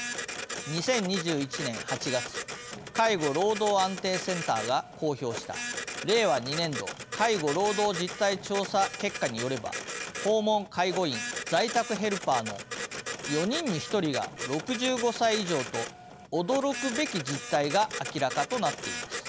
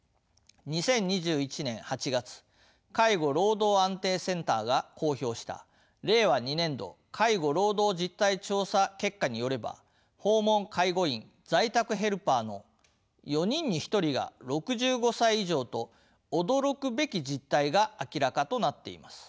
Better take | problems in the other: second | background sound (Printer); 8 dB below the speech

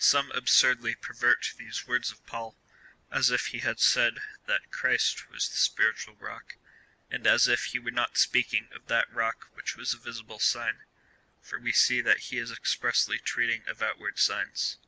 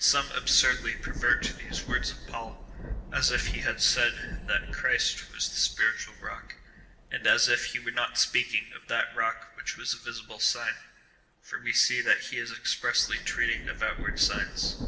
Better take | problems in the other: first | background sound (Thunder / Rain); 11 dB below the speech // room echo; dies away in 0.9 s

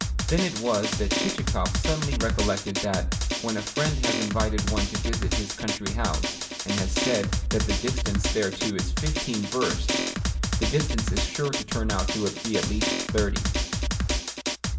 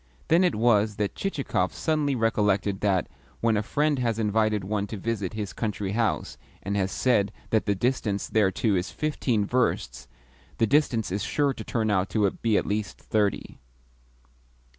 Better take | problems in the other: second | background sound (Drum); 3 dB above the speech // room echo; dies away in 0.8 s

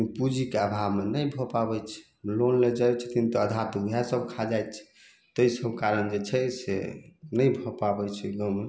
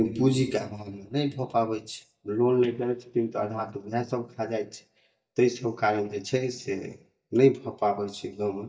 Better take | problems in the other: first | noise reduction (neural mask model DeepFilterNet 3)

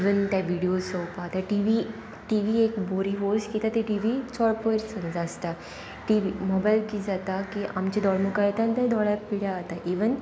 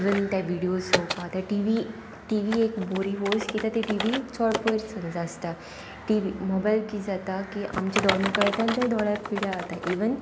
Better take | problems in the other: first | background sound (Typing); 7 dB below the speech

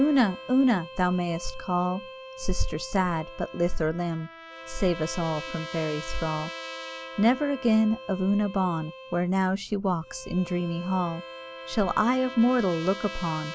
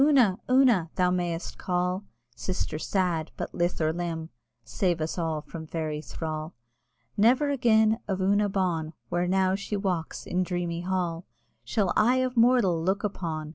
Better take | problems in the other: second | background sound (Bowed string instrument + Trumpet); 14 dB below the speech

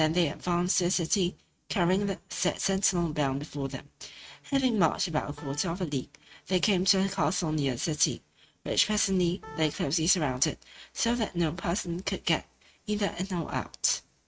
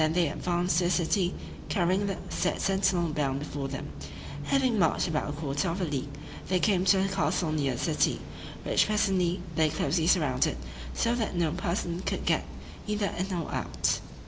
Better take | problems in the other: second | noise reduction (neural mask model RNNoise)

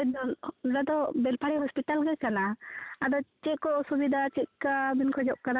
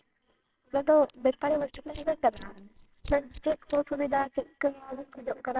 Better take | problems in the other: first | noise reduction (neural separator model SepFormer WHAMR!)

